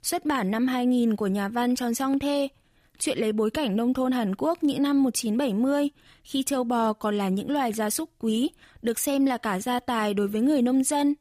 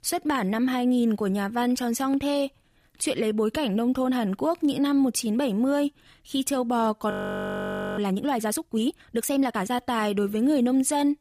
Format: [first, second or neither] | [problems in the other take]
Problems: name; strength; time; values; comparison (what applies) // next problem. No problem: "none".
first | audio freezing; at 7 s for 1 s